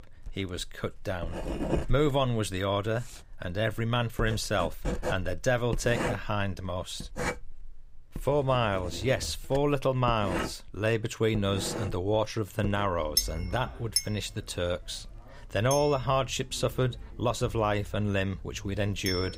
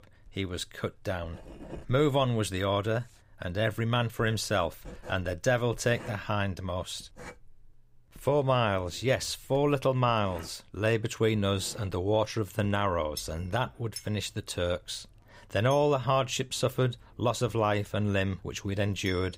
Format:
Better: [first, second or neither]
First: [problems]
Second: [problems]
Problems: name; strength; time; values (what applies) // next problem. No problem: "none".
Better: second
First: household noises; loud; throughout; 7 dB below the speech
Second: household noises; faint; throughout; 20 dB below the speech